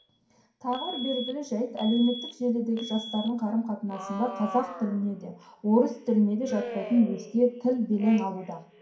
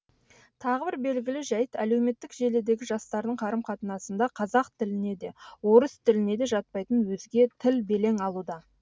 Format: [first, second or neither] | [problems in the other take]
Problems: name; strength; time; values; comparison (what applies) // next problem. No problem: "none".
second | background sound (Alarm); 14 dB below the speech // room echo; dies away in 0.5 s